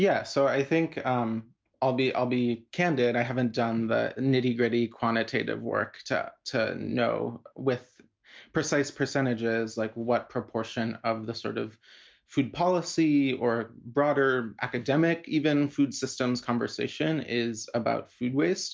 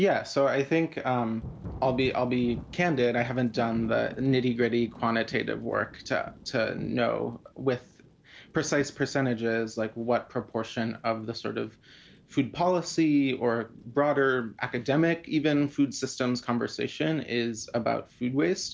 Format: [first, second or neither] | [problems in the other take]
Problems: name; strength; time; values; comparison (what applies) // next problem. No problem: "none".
first | background sound (Thunder / Rain); 20 dB below the speech